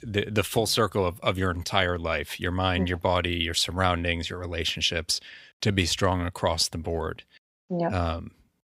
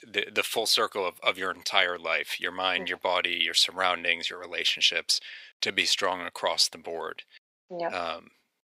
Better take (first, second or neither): first